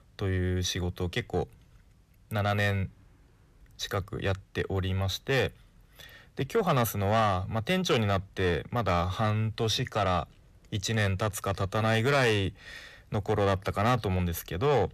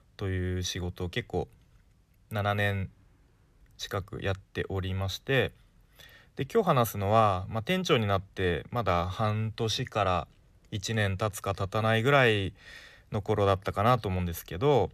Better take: second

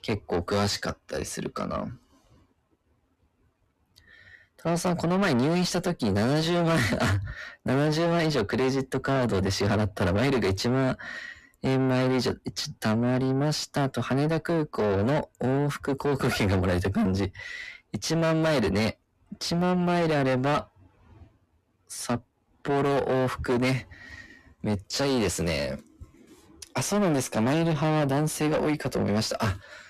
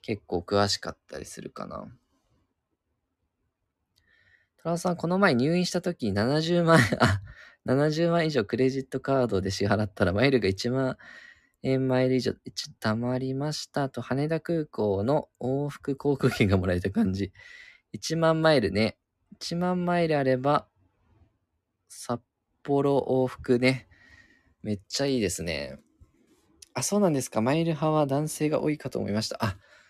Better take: second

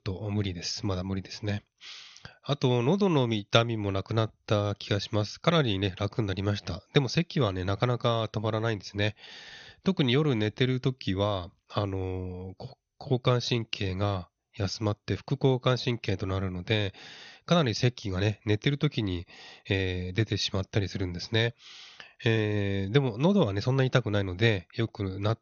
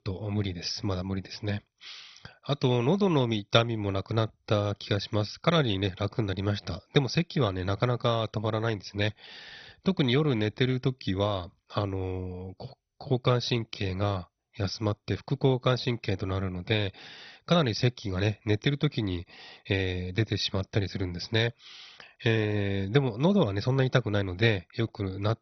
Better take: first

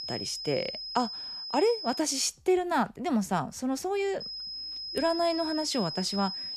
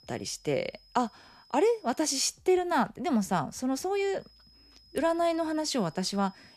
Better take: second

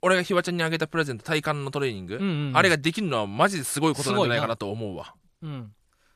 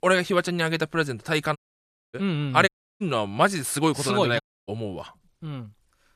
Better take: first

